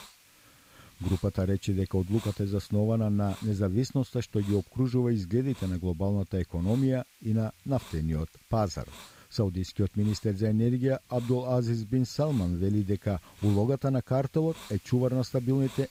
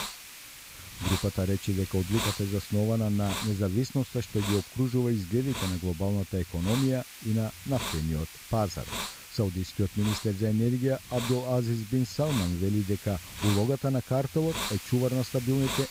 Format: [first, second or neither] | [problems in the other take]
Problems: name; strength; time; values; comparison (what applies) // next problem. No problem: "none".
first | hiss; loud; throughout; 9 dB below the speech; faint in the first